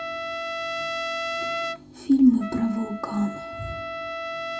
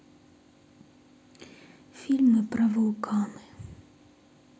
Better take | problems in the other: second | background sound (Trumpet); 5 dB below the speech // room echo; dies away in 0.2 s

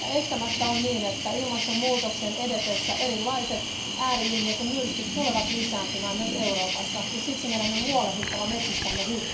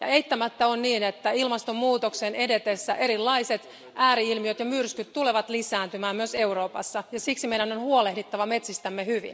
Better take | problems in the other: second | background sound (Cricket); as loud as the speech // room echo; dies away in 0.5 s

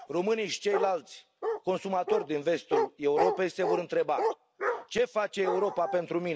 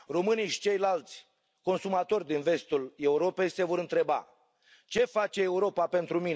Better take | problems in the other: second | background sound (Bark); 4 dB below the speech

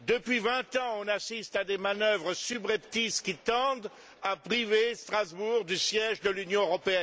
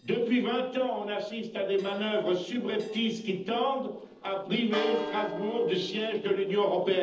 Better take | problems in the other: first | noise reduction (neural separator model SepFormer DNS4)

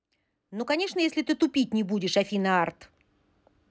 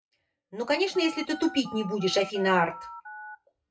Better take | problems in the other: first | noise reduction (classical method WPE with log-MMSE)

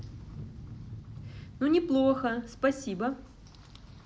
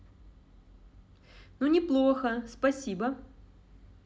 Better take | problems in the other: second | background sound (Rain); 15 dB below the speech

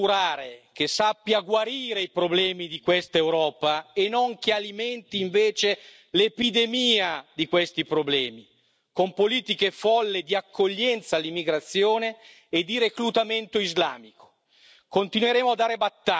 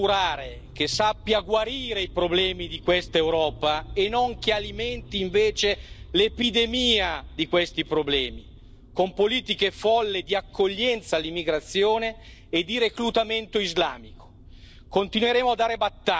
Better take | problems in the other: first | background sound (Motor vehicle (road)); 17 dB below the speech

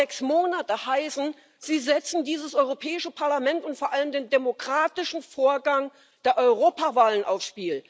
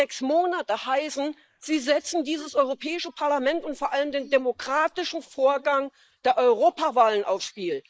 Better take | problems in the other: first | noise reduction (neural mask model Resemble Enhance denoiser)

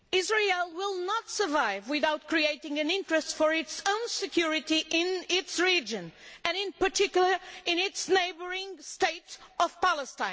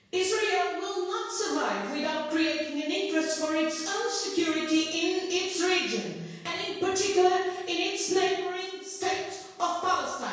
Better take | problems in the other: first | room echo; dies away in 1 s

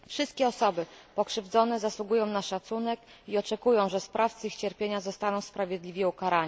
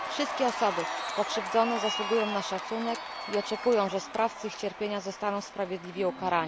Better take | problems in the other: first | background sound (Cheering); 6 dB below the speech

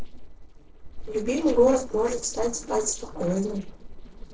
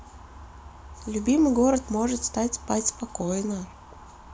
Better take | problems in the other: second | noise reduction (neural separator model SepFormer DNS4)

